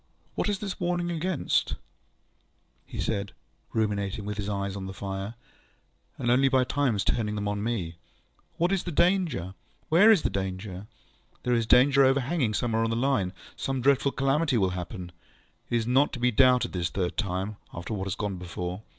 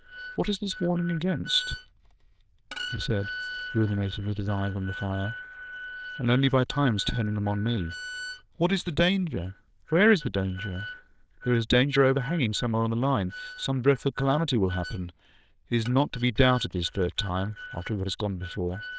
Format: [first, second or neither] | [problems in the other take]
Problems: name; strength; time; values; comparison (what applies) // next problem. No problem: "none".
first | noise reduction (neural diffusion model UNIVERSE++)